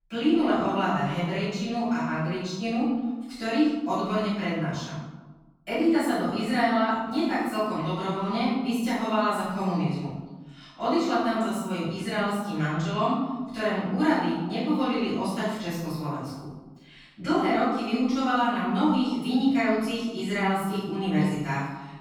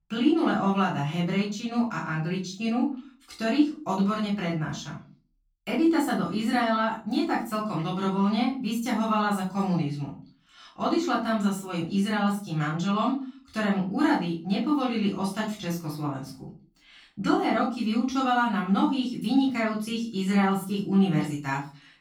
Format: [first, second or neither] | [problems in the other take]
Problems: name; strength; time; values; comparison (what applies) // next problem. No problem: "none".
second | room echo; strong; dies away in 1 s; slight in the second // off-mic speech; far; far in the second